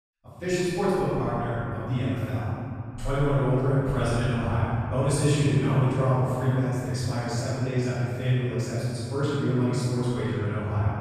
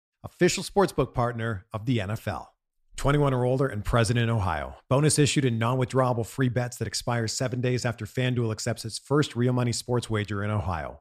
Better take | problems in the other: second | off-mic speech; far // room echo; strong; dies away in 3 s

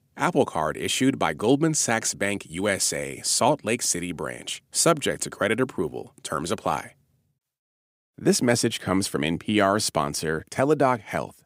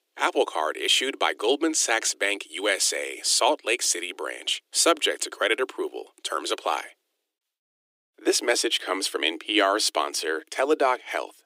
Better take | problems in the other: first | thin; very; fading below 300 Hz

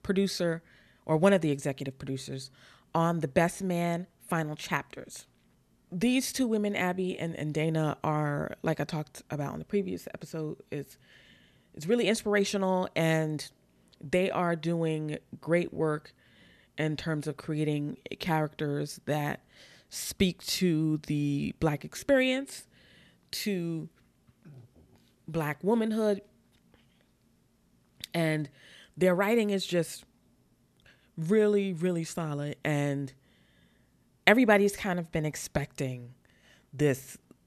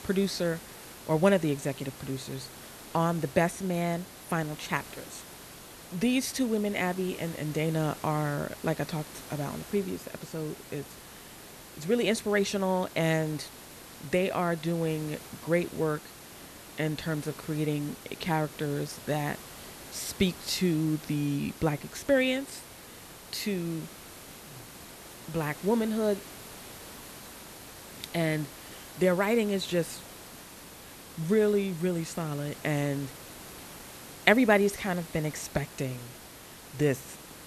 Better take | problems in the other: first | hiss; noticeable; throughout; 15 dB below the speech

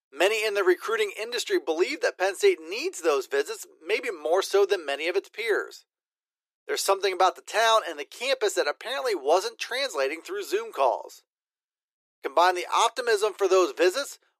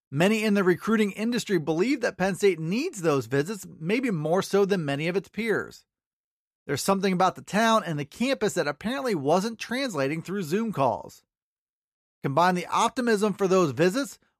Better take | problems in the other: second | thin; very; fading below 350 Hz

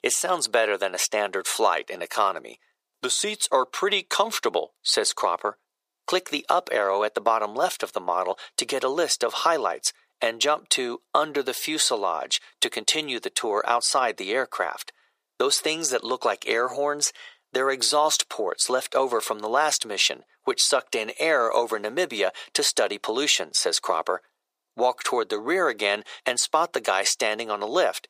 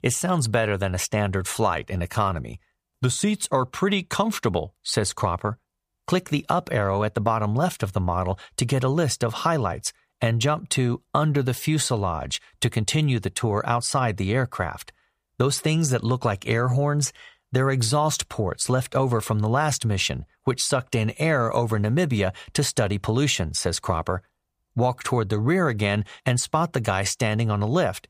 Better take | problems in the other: second | thin; very; fading below 350 Hz

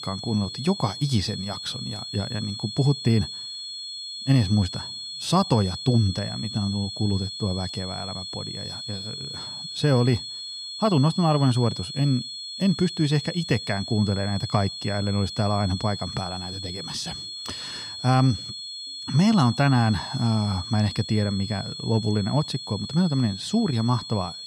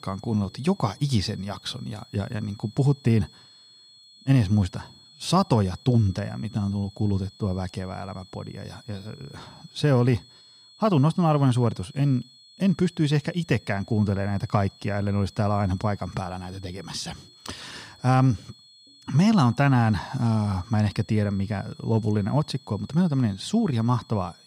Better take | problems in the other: second | high-pitched whine; loud; throughout; 4.5 kHz, 8 dB below the speech; faint in the second

